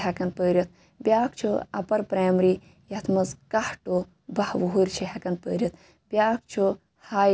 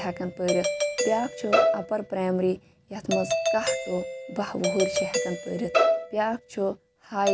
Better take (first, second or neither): first